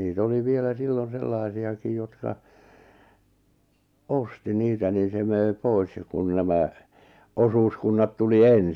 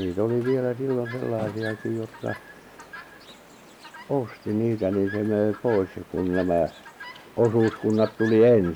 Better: first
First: none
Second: background sound (Chirp, tweet); 17 dB below the speech

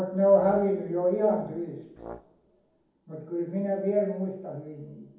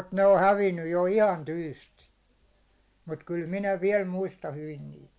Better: second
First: background sound (Brass instrument); 19 dB below the speech // room echo; dies away in 1.2 s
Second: none

